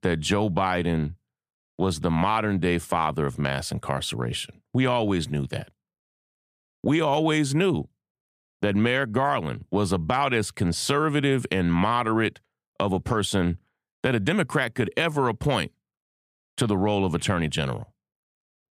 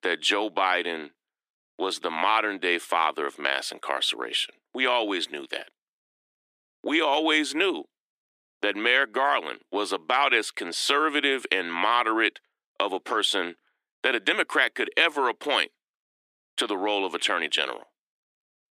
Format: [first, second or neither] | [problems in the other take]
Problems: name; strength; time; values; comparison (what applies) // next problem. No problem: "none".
first | thin; very; fading below 300 Hz